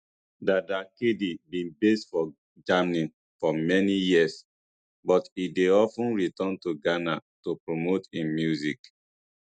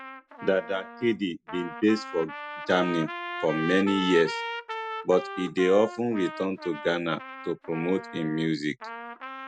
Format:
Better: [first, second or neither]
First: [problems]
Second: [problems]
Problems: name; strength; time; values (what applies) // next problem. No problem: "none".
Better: first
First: none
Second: background sound (Trumpet); 10 dB below the speech